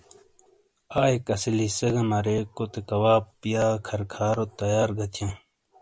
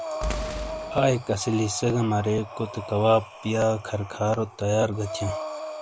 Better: first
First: none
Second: background sound (Breathing + Boom); 10 dB below the speech

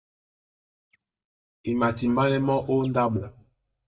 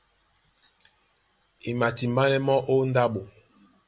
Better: second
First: noise reduction (neural mask model DeepFilterNet 3)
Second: none

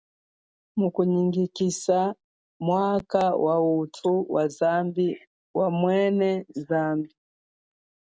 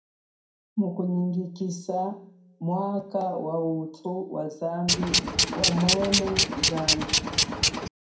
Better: first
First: none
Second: background sound (Tools); 5 dB above the speech // room echo; dies away in 0.5 s

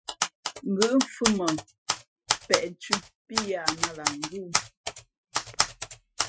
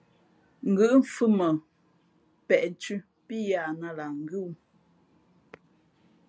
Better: second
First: noise reduction (classical method Wiener filter)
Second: none

